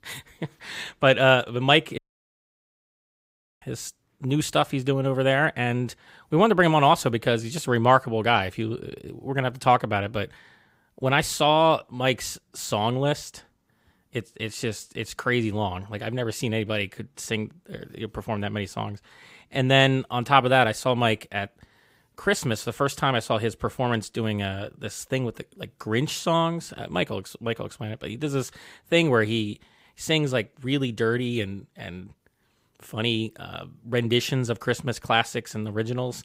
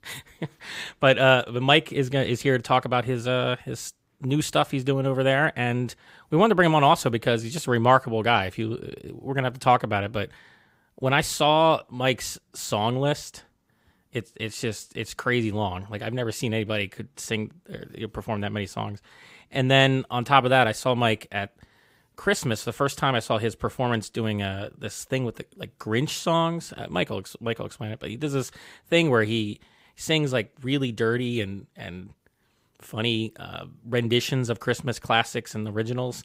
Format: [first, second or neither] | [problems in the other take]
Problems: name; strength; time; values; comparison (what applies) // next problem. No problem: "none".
second | audio cutting out; at 2 s for 1.5 s